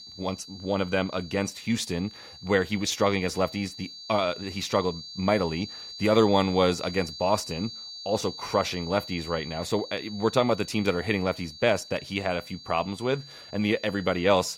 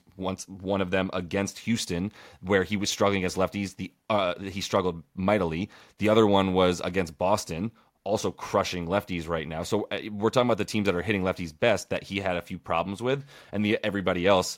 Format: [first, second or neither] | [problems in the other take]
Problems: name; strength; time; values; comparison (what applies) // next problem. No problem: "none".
second | high-pitched whine; noticeable; throughout; 4.5 kHz, 15 dB below the speech